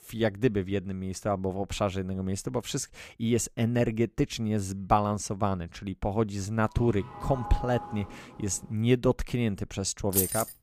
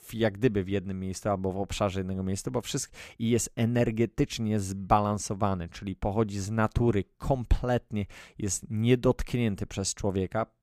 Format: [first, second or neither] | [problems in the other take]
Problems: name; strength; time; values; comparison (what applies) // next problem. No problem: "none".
second | doorbell; noticeable; from 6.5 to 8.5 s; peak 8 dB below the speech // jangling keys; loud; at 10 s; peak 2 dB above the speech